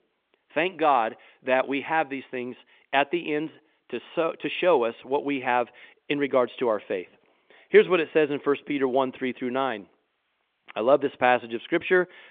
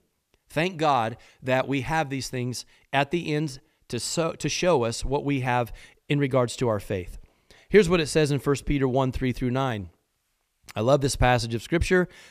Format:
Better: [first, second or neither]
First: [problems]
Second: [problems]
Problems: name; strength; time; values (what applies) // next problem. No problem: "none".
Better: second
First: phone-call audio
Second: none